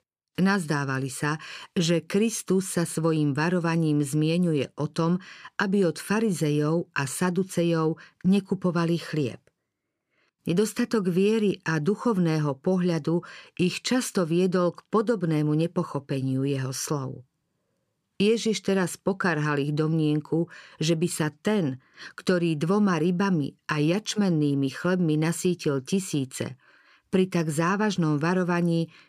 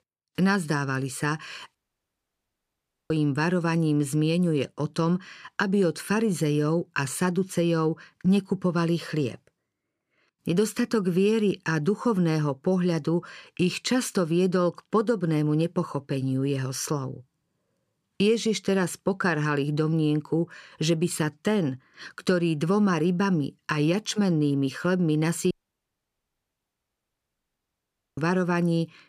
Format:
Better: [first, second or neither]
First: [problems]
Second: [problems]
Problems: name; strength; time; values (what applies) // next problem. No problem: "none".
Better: first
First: none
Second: audio cutting out; at 2 s for 1.5 s and at 26 s for 2.5 s